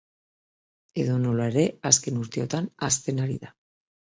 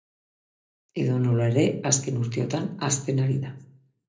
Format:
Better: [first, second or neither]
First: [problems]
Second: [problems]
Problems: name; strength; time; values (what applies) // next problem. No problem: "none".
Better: first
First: none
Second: room echo; dies away in 0.5 s